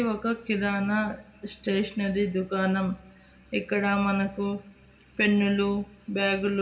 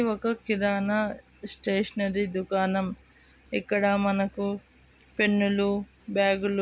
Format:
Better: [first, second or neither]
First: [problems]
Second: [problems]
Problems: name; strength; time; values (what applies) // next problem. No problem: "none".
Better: second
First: room echo; dies away in 1.4 s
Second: none